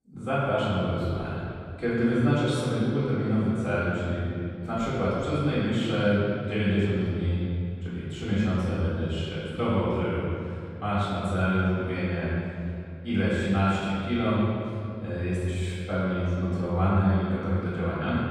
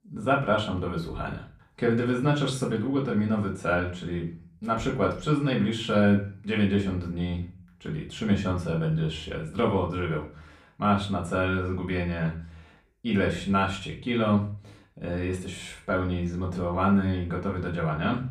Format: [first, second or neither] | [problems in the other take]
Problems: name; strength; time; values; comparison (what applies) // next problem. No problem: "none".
second | room echo; strong; dies away in 2.4 s; slight in the second // off-mic speech; far; far in the second